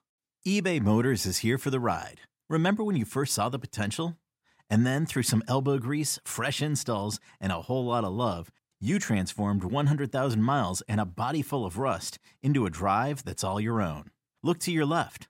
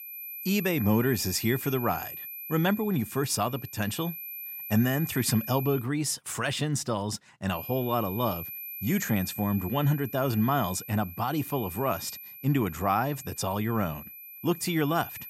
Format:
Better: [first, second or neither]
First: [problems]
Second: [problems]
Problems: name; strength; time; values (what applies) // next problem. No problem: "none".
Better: first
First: none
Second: high-pitched whine; loud; until 6 s and from 7.5 s on; 12 kHz, 10 dB below the speech